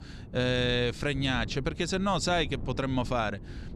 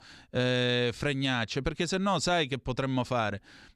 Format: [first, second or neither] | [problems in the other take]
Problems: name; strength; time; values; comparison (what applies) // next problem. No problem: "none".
second | wind noise on the microphone; occasional gusts; 20 dB below the speech